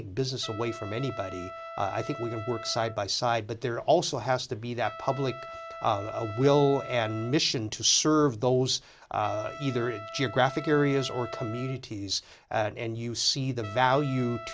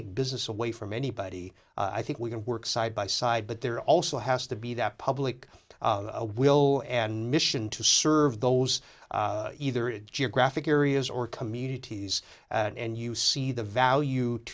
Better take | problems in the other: second | background sound (Trumpet); 15 dB below the speech

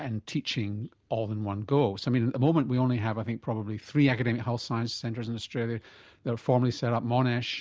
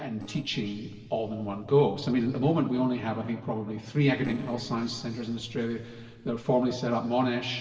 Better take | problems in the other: first | noise reduction (neural separator model SepFormer DNS4)

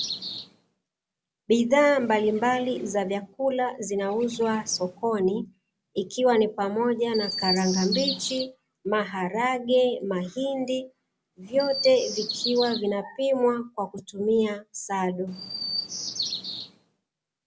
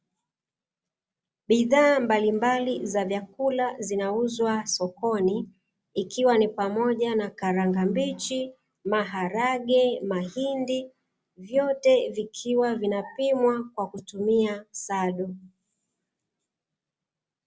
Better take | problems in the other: second | background sound (Chirp, tweet); 11 dB below the speech

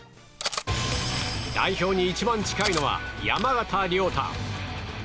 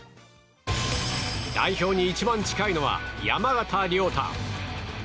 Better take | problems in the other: second | background sound (Cutlery, silverware); 11 dB below the speech

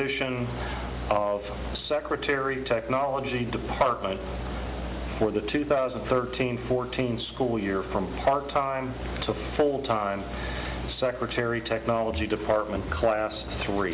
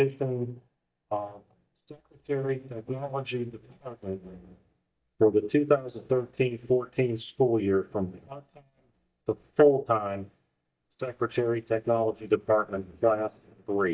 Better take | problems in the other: first | noise reduction (neural mask model DeepFilterNet 3)

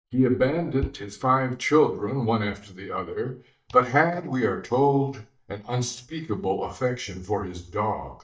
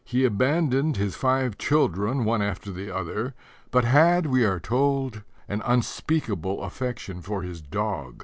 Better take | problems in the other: second | noise reduction (neural mask model DeepFilterNet 3)

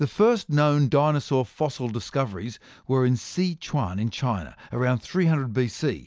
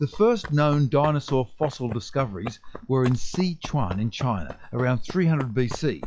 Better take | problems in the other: first | noise reduction (classical method log-MMSE)

